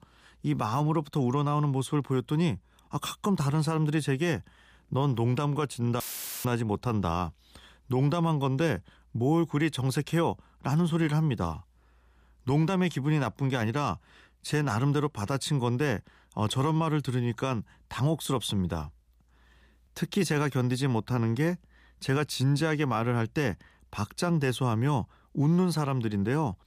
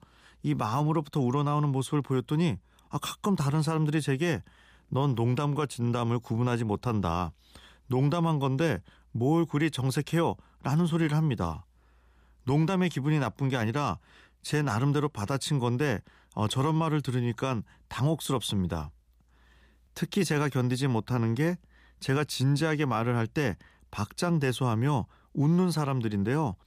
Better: second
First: audio cutting out; filled with static; at 6 s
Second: none

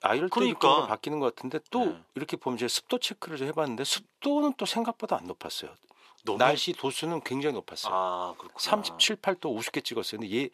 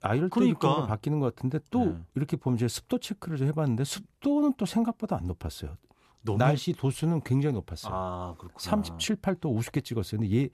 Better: second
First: thin; somewhat; fading below 450 Hz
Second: none

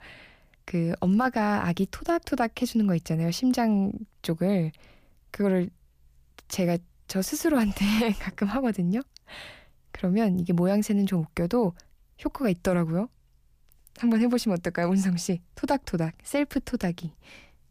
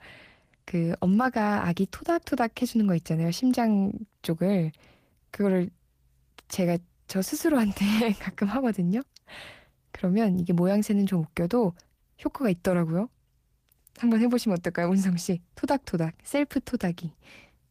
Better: first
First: none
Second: garbled, watery; slightly; nothing above 15 kHz

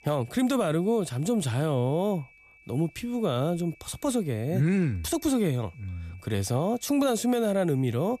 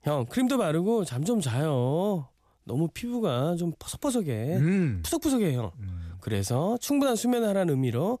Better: second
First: high-pitched whine; faint; throughout; 2.5 kHz, 25 dB below the speech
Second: none

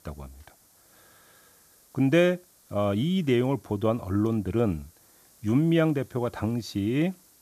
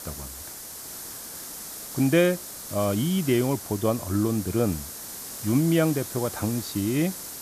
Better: first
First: hiss; faint; throughout; 30 dB below the speech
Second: hiss; loud; throughout; 10 dB below the speech

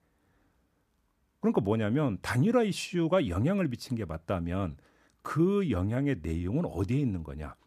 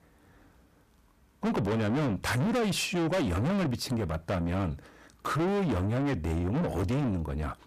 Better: first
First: none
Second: distortion; heavy; 6 dB below the speech

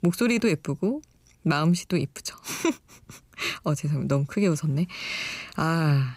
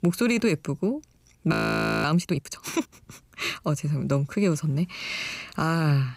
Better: first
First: none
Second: audio freezing; at 1.5 s for 0.5 s

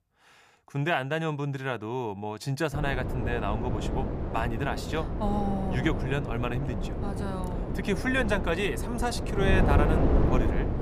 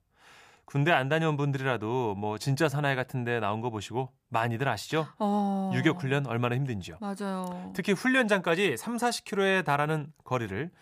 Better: second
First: wind noise on the microphone; heavy; from 2.5 s on; 4 dB below the speech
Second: none

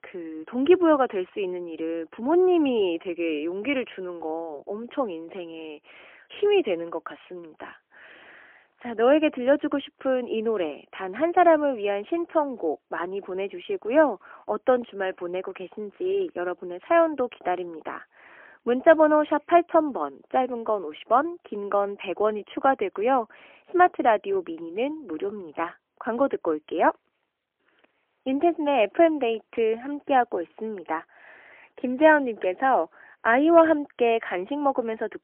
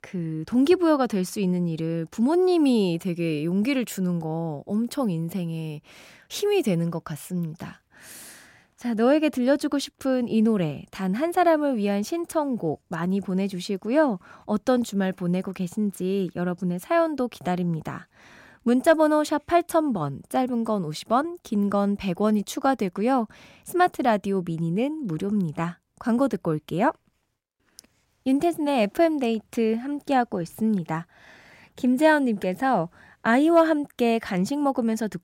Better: second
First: phone-call audio; poor line; nothing above 3 kHz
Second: none

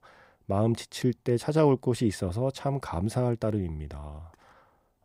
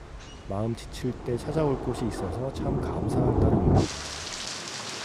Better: first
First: none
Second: rain or running water; very loud; throughout; 3 dB above the speech

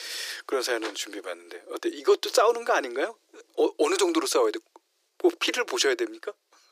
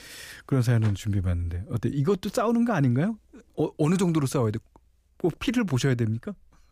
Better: second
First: thin; very; fading below 350 Hz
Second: none

